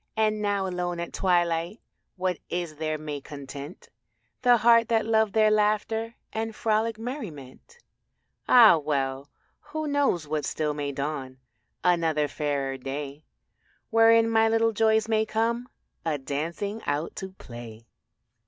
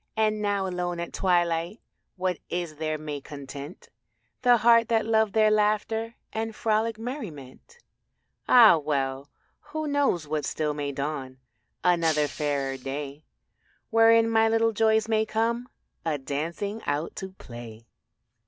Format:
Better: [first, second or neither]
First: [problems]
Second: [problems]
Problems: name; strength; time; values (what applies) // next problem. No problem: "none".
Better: first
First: none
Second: background sound (Shatter); 12 dB below the speech